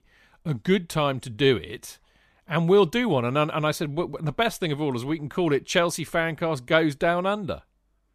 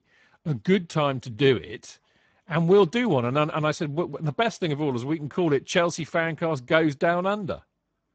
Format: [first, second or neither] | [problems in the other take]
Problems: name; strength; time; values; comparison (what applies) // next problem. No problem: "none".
first | garbled, watery; badly; nothing above 7.5 kHz